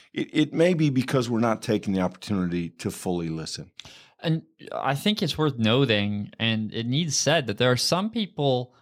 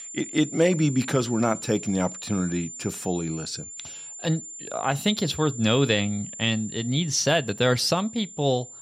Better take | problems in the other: first | high-pitched whine; noticeable; throughout; 7 kHz, 10 dB below the speech

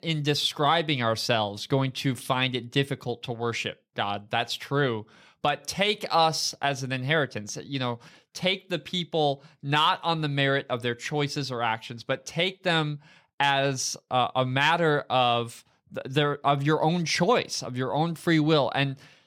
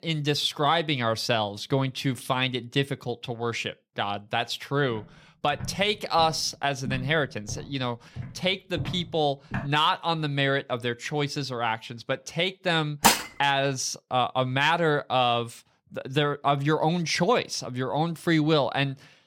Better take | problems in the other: first | footsteps; noticeable; from 5 to 9.5 s; peak 9 dB below the speech // clattering dishes; loud; at 13 s; peak 5 dB above the speech

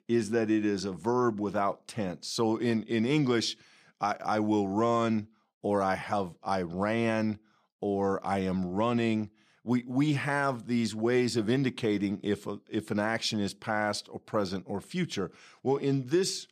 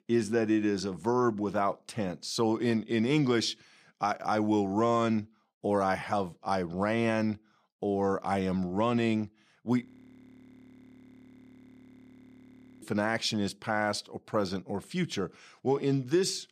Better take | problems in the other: first | audio freezing; at 10 s for 3 s

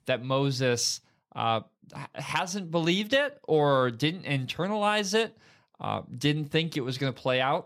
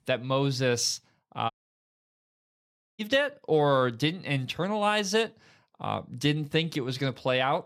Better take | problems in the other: first | audio cutting out; at 1.5 s for 1.5 s

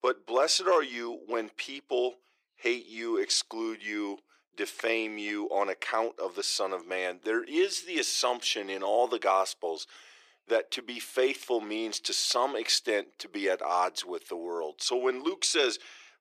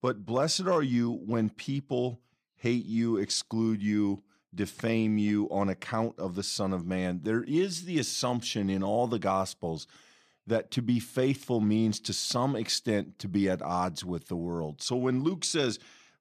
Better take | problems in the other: second | thin; very; fading below 350 Hz

